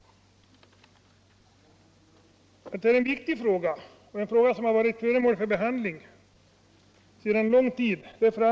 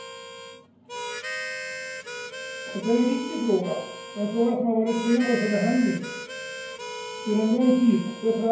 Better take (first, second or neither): first